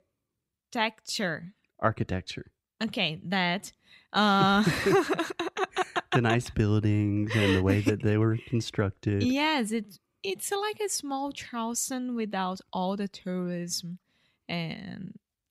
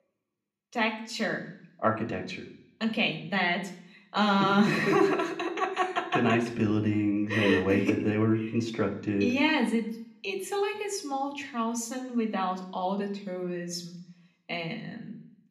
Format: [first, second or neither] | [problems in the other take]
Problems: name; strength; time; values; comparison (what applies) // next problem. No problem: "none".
first | room echo; slight; dies away in 0.6 s // off-mic speech; somewhat distant